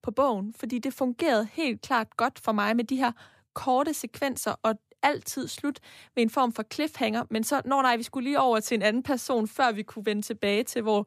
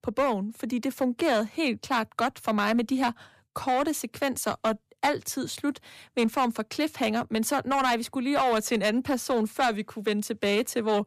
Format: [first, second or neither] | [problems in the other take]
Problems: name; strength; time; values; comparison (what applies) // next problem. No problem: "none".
first | distortion; slight; 6% of the sound clipped